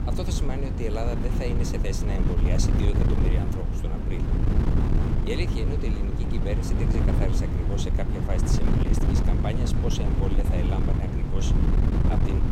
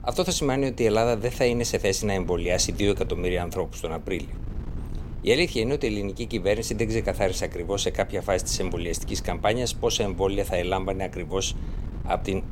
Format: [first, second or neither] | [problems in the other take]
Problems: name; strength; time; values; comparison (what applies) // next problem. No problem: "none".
second | wind noise on the microphone; heavy; 1 dB above the speech; occasional gusts in the second